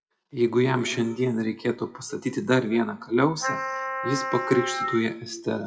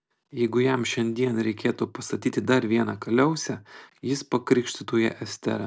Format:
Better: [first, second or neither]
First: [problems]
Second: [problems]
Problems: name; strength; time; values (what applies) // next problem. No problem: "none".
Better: second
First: noise reduction (classical method WPE with log-MMSE)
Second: none